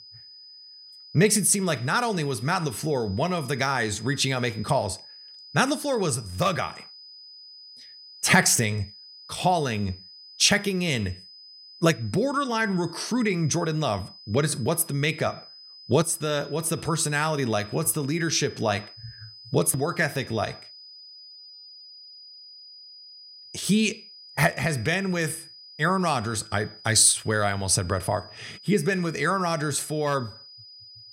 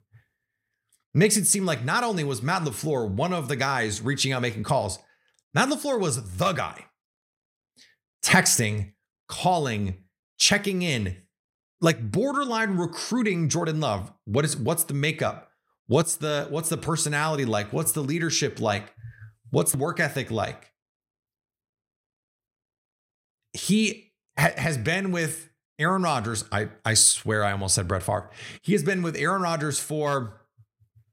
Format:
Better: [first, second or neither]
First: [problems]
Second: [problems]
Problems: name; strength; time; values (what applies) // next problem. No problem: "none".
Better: second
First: high-pitched whine; noticeable; throughout; 5 kHz, 20 dB below the speech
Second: none